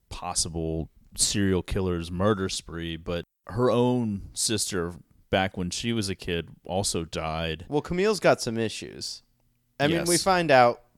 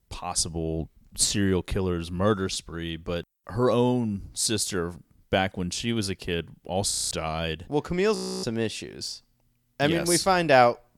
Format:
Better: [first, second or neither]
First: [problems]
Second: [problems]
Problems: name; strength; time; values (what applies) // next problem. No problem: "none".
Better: first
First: none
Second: audio freezing; at 7 s and at 8 s